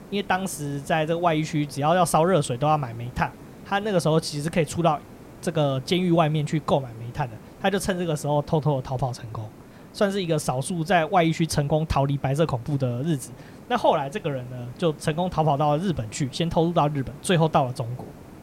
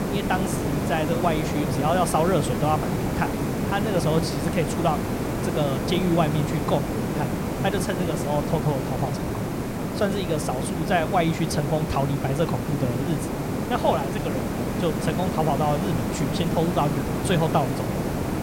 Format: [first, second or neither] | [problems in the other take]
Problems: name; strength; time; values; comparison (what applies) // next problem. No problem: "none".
first | hiss; loud; throughout; 1 dB below the speech; faint in the first